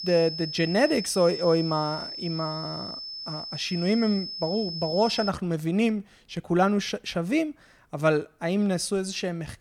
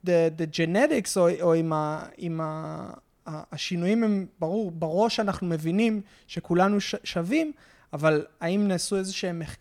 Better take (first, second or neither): second